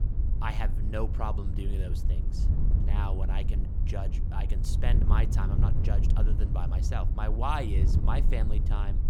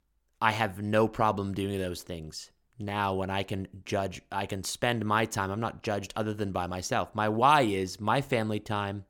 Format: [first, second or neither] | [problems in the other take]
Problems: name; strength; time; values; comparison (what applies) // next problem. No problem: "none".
second | wind noise on the microphone; heavy; 7 dB below the speech